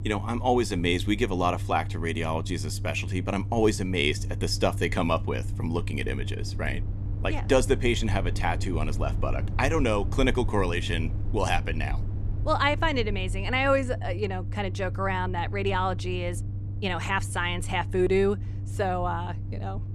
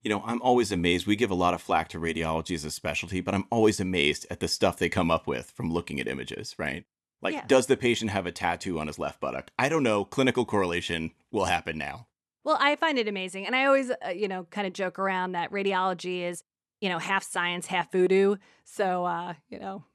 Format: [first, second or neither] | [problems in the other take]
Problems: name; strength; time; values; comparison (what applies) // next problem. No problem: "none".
second | low rumble; noticeable; throughout; 20 dB below the speech